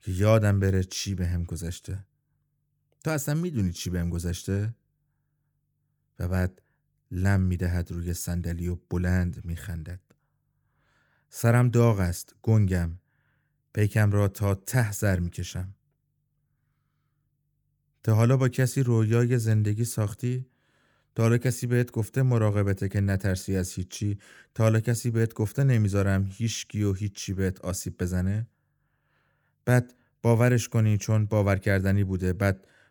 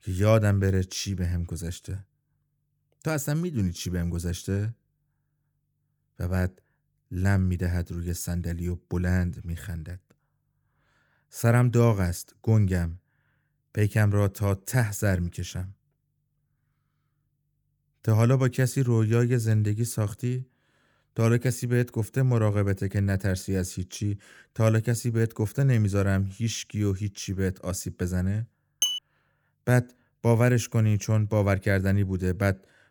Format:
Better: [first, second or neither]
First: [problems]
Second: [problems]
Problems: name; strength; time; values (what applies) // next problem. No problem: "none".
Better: first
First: none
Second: clattering dishes; loud; at 29 s; peak level with the speech